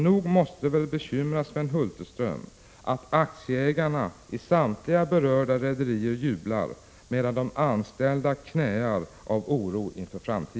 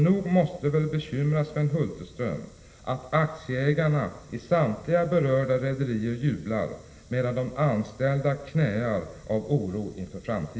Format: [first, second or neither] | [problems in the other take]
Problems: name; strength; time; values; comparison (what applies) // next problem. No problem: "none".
first | room echo; dies away in 2.2 s